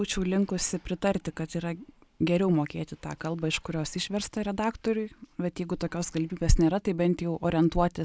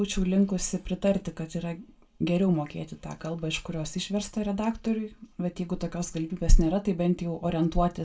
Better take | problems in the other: first | room echo; dies away in 0.2 s

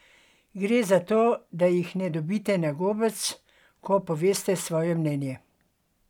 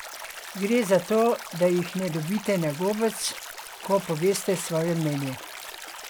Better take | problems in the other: first | background sound (Stream); 13 dB below the speech

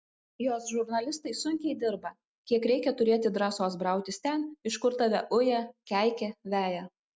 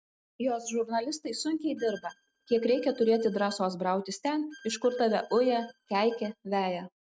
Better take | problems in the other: first | noise reduction (neural mask model RNNoise)

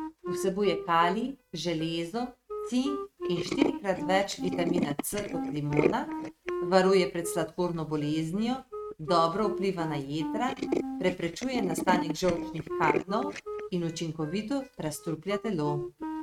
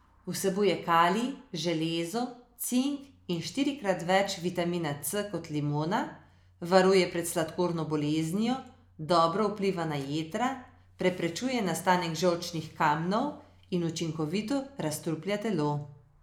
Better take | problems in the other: second | noise reduction (neural mask model RNNoise)

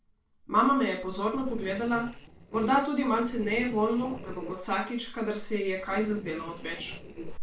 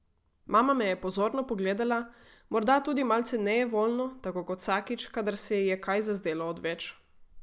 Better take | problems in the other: second | noise reduction (neural separator model SepFormer DNS4)

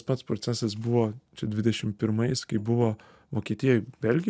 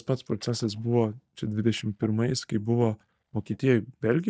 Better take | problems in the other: first | noise reduction (neural mask model DeepFilterNet 3)

